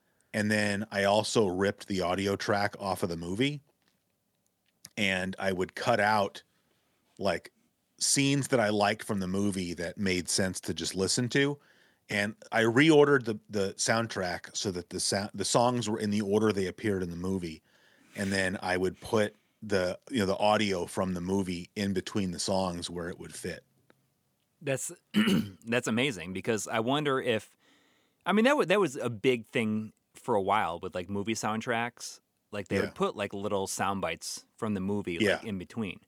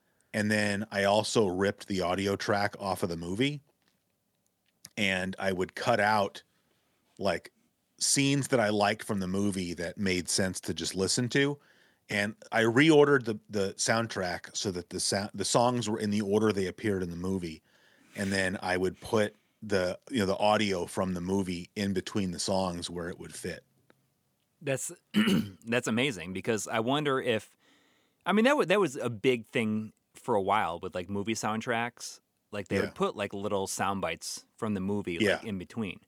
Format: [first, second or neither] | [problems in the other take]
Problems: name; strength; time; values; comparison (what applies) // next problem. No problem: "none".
neither | none